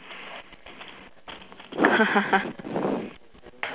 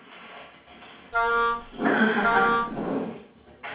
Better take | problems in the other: first | background sound (Wind instrument, woodwind instrument); 3 dB above the speech // room echo; dies away in 0.5 s

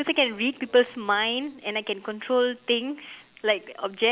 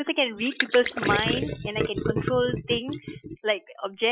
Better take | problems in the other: first | noise reduction (classical method Wiener filter)

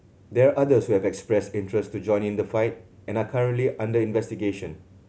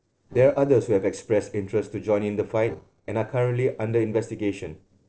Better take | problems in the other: first | noise reduction (neural separator model SepFormer DNS4)

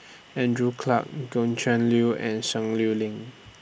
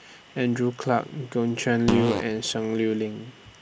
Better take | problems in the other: first | background sound (Fart); 4 dB below the speech

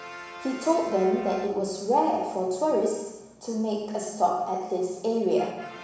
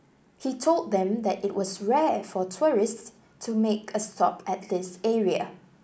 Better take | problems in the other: second | background sound (Brass instrument); 19 dB below the speech // room echo; dies away in 1 s

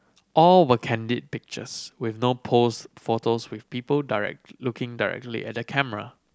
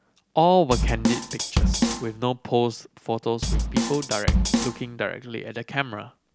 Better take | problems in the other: first | background sound (Drum kit); 1 dB above the speech

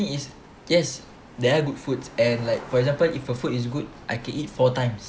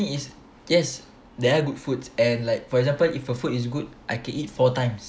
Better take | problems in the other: second | background sound (Bicycle + Cricket); 20 dB below the speech

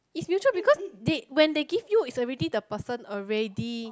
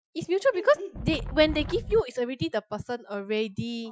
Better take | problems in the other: first | noise reduction (classical method Wiener filter)

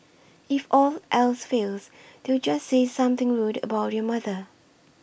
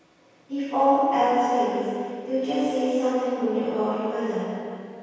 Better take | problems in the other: first | room echo; dies away in 2.2 s

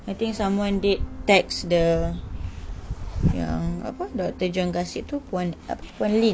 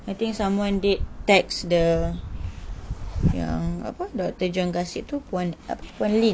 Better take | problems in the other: second | background sound (Bowed string instrument + Guitar); 19 dB below the speech

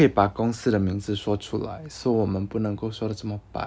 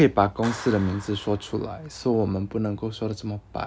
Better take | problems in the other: first | background sound (Clapping); 19 dB below the speech

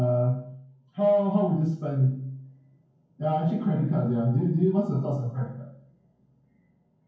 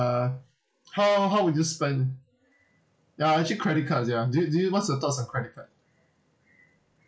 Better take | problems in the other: second | room echo; dies away in 0.9 s

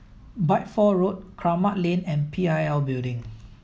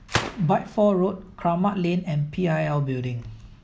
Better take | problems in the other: first | background sound (Gunshot, gunfire); 12 dB below the speech

